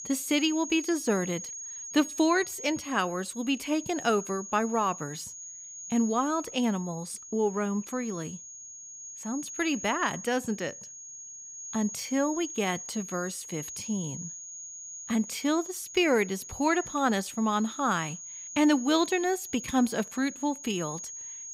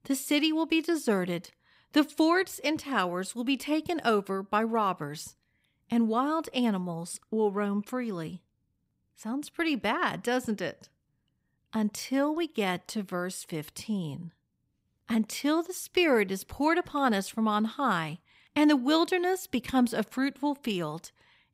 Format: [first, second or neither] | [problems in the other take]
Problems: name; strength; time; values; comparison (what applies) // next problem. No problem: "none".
second | high-pitched whine; noticeable; throughout; 6.5 kHz, 10 dB below the speech